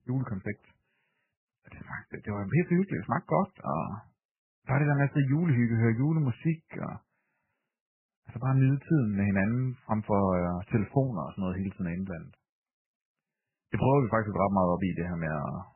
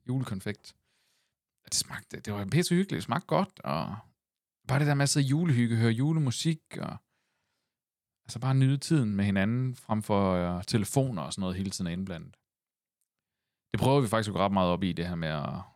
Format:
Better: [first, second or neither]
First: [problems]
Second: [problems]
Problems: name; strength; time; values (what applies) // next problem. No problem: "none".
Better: second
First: garbled, watery; badly; nothing above 3 kHz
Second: none